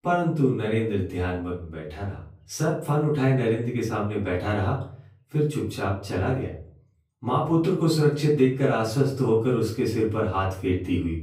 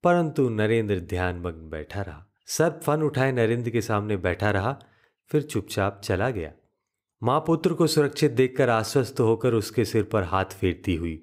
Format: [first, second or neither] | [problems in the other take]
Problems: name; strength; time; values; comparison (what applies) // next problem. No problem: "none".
second | off-mic speech; far // room echo; slight; dies away in 0.4 s